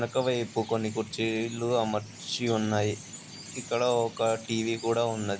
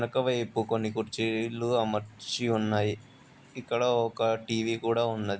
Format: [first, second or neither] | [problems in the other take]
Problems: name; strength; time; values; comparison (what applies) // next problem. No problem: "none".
second | background sound (Chirp, tweet); 16 dB below the speech